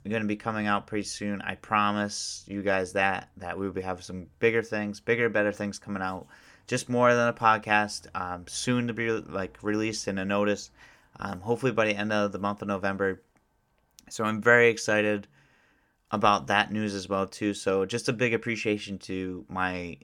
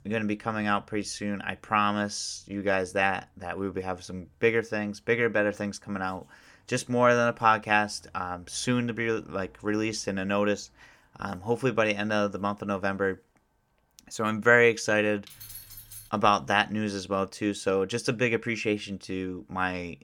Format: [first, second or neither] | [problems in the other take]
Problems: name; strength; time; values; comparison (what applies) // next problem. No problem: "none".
first | jangling keys; faint; at 15 s; peak 15 dB below the speech